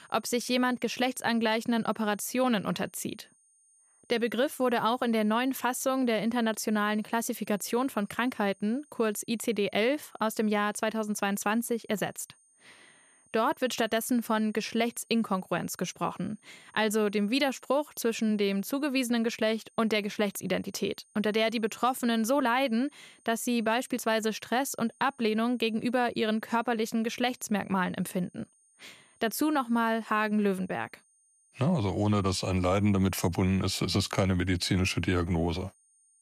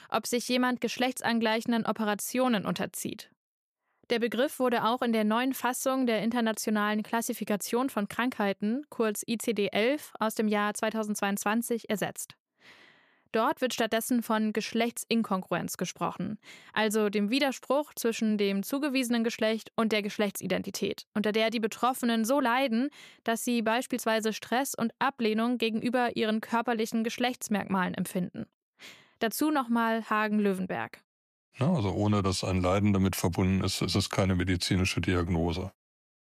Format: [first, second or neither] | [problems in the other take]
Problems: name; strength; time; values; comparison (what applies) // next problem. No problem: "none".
second | high-pitched whine; faint; throughout; 9 kHz, 30 dB below the speech